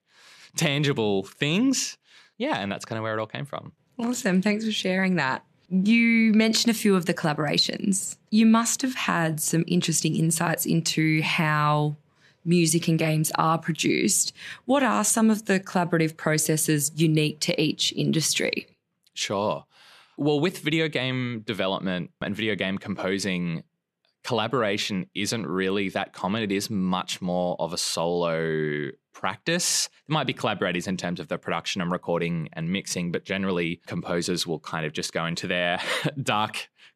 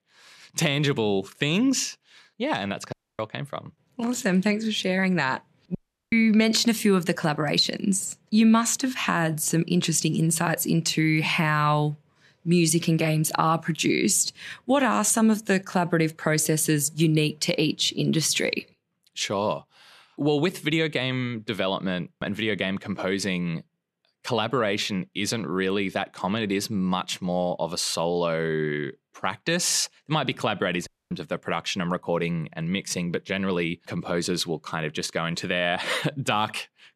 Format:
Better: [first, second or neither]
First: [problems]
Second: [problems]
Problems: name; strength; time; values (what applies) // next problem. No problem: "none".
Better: first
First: none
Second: audio cutting out; at 3 s, at 6 s and at 31 s